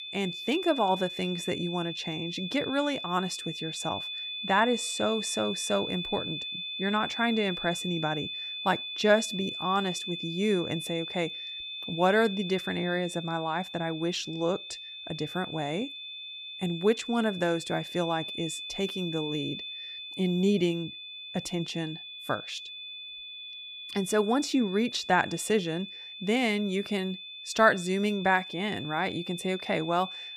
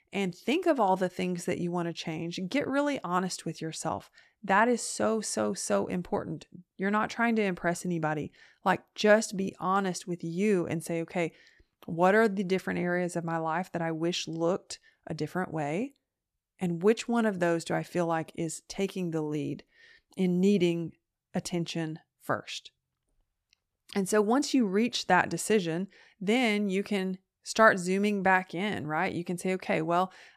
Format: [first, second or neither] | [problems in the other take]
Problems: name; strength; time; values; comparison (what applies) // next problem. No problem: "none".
second | high-pitched whine; loud; throughout; 3.5 kHz, 7 dB below the speech